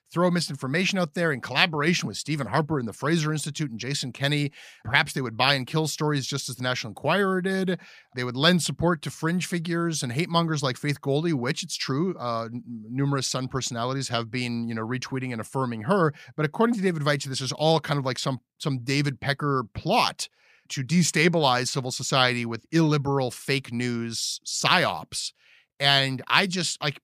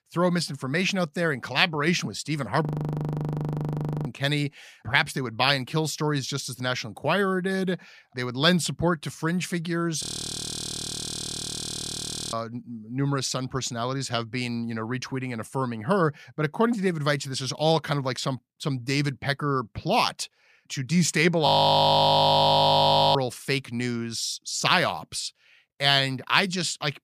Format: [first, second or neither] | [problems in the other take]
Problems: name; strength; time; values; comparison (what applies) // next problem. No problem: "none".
first | audio freezing; at 2.5 s for 1.5 s, at 10 s for 2.5 s and at 21 s for 1.5 s